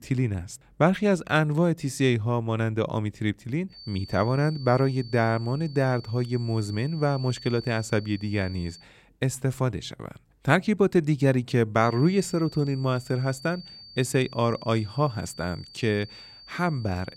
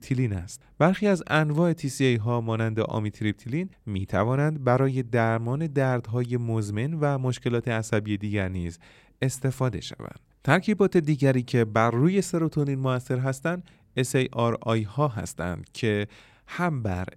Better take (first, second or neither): second